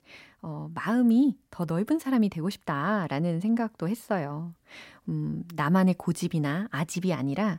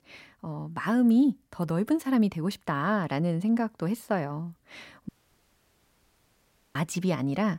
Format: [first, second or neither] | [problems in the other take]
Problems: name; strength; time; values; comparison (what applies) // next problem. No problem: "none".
first | audio cutting out; at 5 s for 1.5 s